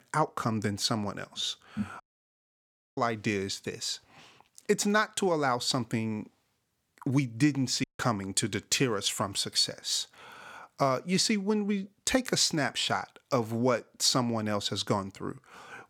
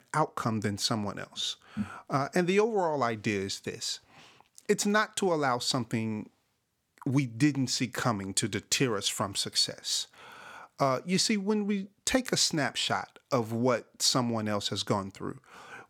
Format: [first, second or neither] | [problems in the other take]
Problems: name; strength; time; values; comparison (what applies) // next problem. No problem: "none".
second | audio cutting out; at 2 s for 1 s and at 8 s